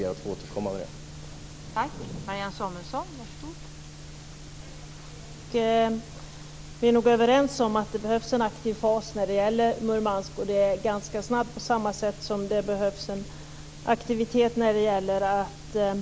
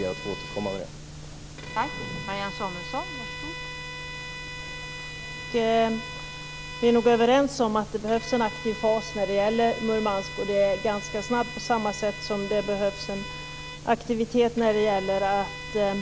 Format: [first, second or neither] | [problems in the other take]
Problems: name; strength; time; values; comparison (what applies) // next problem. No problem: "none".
first | background sound (Bowed string instrument); 12 dB below the speech